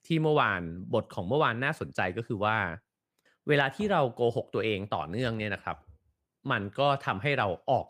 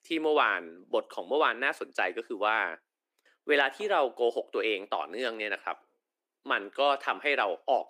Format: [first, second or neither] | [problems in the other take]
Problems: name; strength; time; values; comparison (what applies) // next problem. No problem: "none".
first | thin; somewhat; fading below 300 Hz